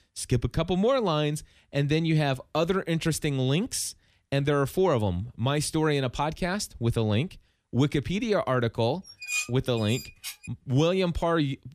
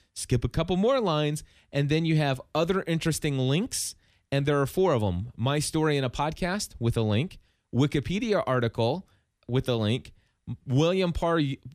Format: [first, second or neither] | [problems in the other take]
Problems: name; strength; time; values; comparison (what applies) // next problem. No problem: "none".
second | clattering dishes; noticeable; from 9 to 10 s; peak 2 dB below the speech